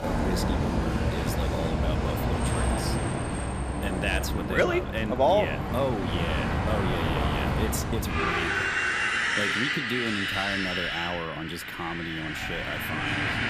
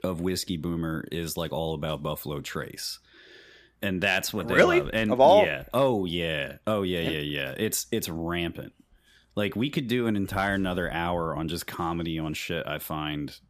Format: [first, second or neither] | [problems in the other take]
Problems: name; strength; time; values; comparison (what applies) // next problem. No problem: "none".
second | traffic noise; very loud; throughout; 3 dB above the speech